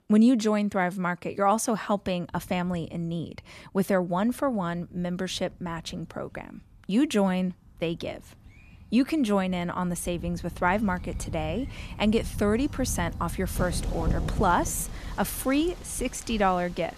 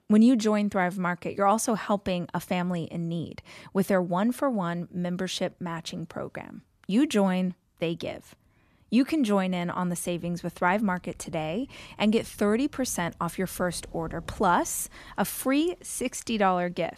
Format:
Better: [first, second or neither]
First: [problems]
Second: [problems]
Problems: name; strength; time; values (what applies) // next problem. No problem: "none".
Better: second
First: rain or running water; loud; throughout; 10 dB below the speech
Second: rain or running water; faint; throughout; 25 dB below the speech